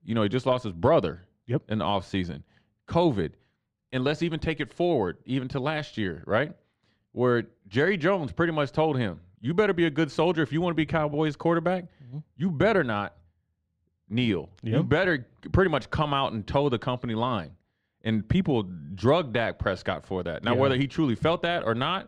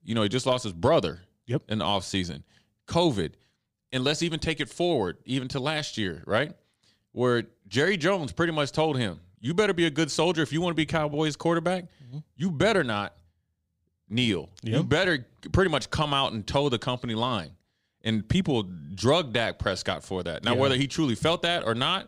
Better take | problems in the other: second | muffled; slightly; fading above 3.5 kHz

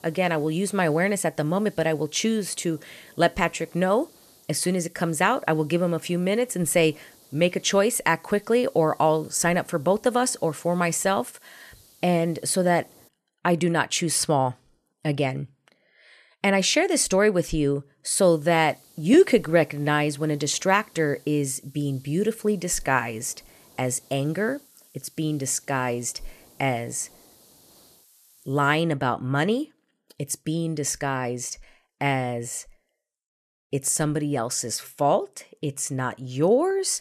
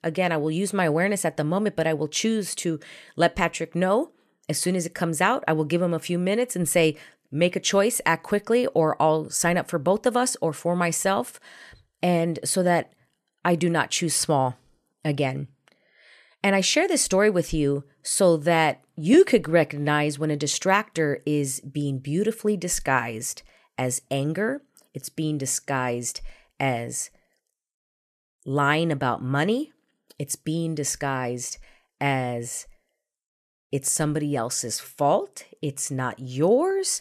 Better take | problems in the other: second | hiss; faint; until 13 s and from 18 to 29 s; 30 dB below the speech

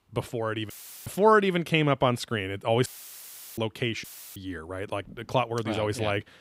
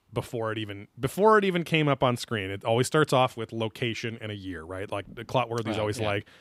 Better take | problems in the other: second | audio cutting out; filled with static; at 0.5 s, at 3 s for 0.5 s and at 4 s

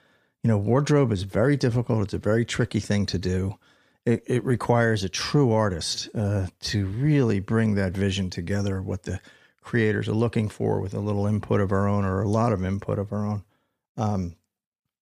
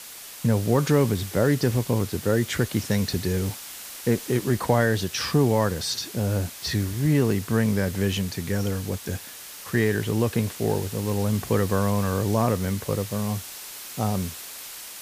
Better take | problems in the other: first | hiss; noticeable; throughout; 10 dB below the speech

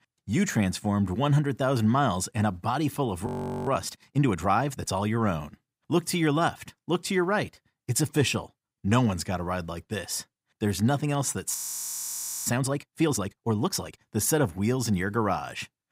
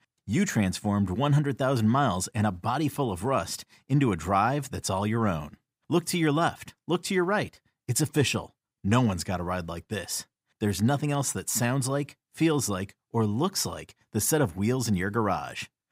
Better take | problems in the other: second | audio freezing; at 3.5 s and at 12 s for 1 s

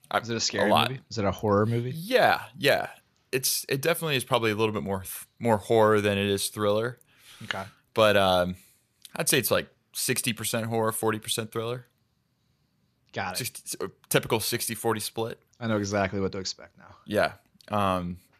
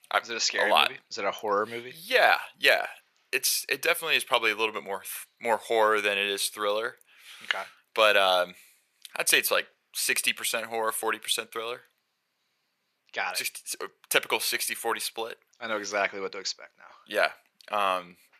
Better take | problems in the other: first | thin; very; fading below 500 Hz

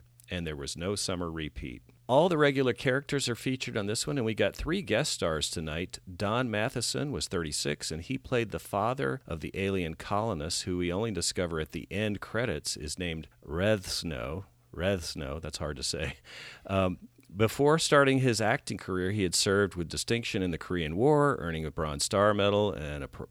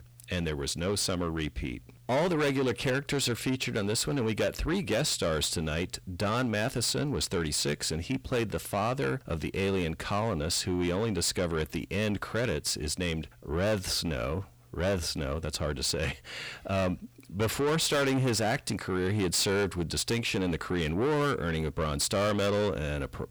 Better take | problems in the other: first | distortion; heavy; 6 dB below the speech

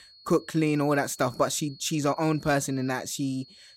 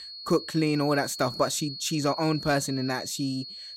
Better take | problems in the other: first | high-pitched whine; loud; throughout; 4.5 kHz, 9 dB below the speech; faint in the first

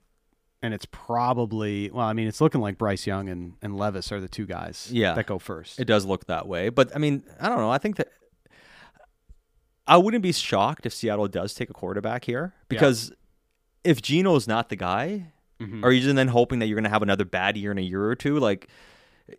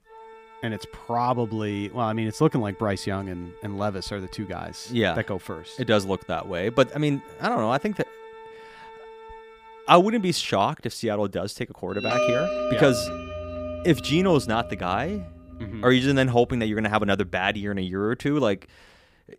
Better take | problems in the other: first | background music; loud; throughout; 10 dB below the speech

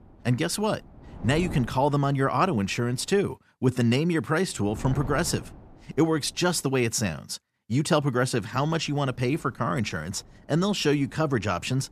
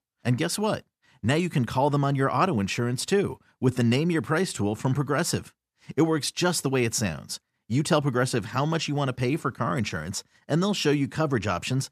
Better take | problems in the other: second | wind noise on the microphone; occasional gusts; until 3 s, from 4.5 to 6.5 s and from 8.5 s on; 20 dB below the speech

